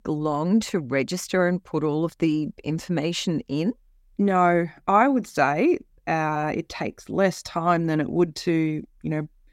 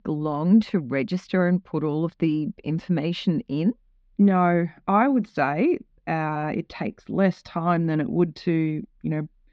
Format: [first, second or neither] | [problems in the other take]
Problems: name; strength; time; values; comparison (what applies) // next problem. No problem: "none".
first | muffled; very slightly; fading above 4 kHz